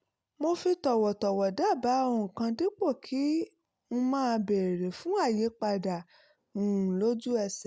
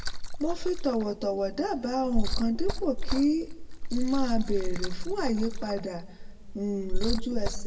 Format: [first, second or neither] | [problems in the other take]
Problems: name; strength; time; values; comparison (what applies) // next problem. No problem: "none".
first | background sound (Liquid); 2 dB above the speech // room echo; dies away in 0.9 s